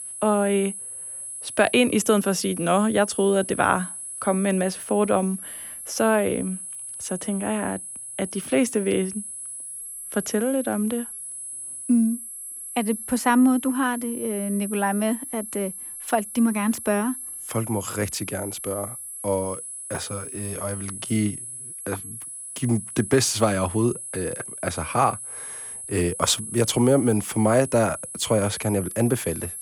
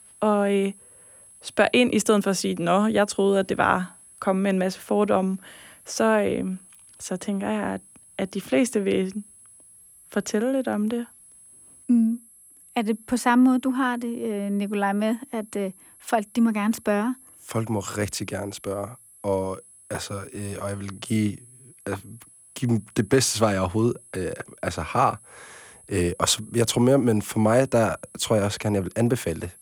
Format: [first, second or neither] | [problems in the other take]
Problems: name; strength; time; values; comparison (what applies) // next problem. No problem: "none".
second | high-pitched whine; loud; throughout; 10.5 kHz, 9 dB below the speech; faint in the second